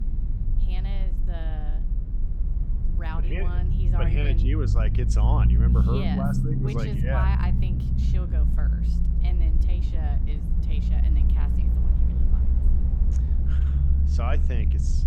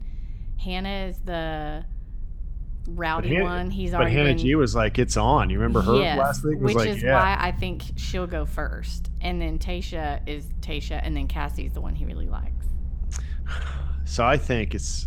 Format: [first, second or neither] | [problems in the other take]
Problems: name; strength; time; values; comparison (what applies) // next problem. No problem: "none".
second | low rumble; loud; throughout; 3 dB below the speech; faint in the second